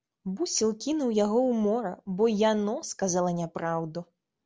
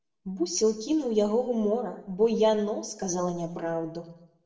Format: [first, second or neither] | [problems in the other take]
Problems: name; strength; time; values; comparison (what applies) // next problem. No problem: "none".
first | room echo; dies away in 0.8 s